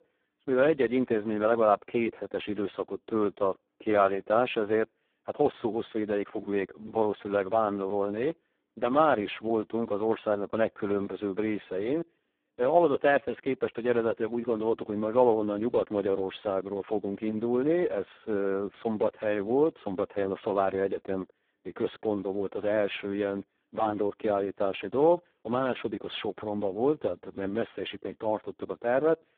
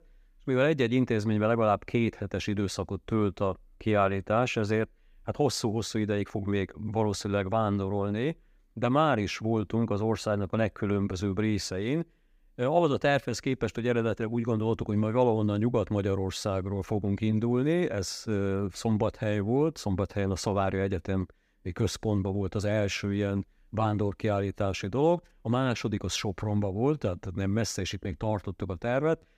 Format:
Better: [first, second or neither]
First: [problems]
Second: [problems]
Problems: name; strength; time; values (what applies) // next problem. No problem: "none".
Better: second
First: phone-call audio; poor line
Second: none